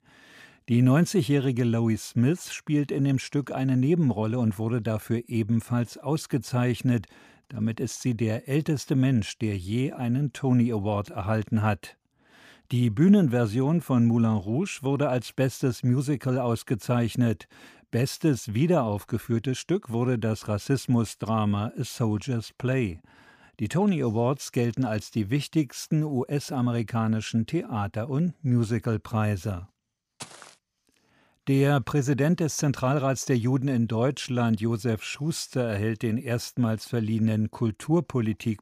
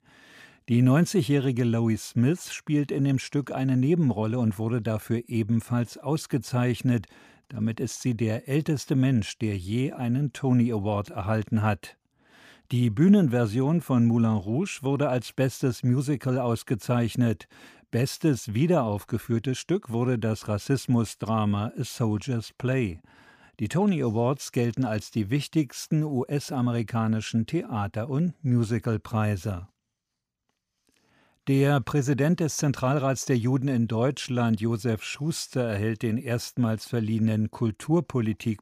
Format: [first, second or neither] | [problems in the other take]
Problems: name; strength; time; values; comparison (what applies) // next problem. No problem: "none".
second | footsteps; faint; at 30 s; peak 15 dB below the speech